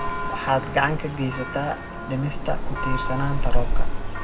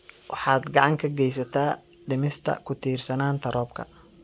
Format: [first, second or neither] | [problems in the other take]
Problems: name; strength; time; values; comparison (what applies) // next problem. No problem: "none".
second | background sound (Church bell); 5 dB above the speech // room echo; dies away in 0.3 s